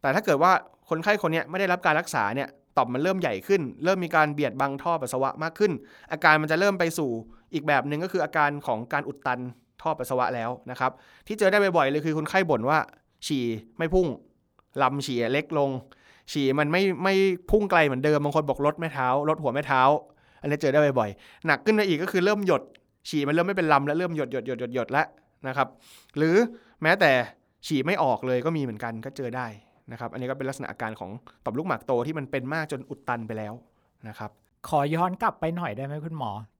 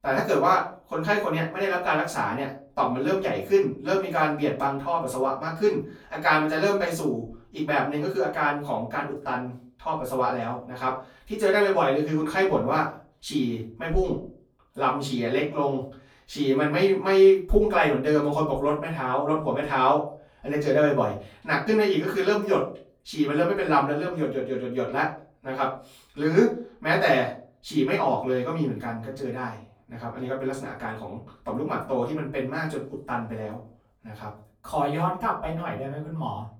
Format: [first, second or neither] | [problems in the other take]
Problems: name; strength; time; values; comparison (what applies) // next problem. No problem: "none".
first | off-mic speech; far // room echo; slight; dies away in 0.3 s